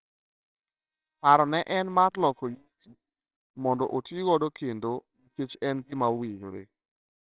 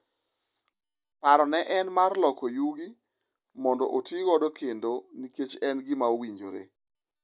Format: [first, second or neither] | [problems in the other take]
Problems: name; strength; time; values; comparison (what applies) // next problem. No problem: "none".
second | noise reduction (neural separator model SepFormer WHAMR!)